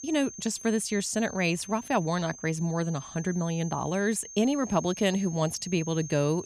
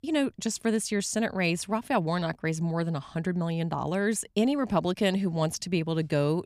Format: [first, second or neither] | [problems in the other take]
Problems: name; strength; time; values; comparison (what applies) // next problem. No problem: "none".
second | high-pitched whine; noticeable; throughout; 6.5 kHz, 15 dB below the speech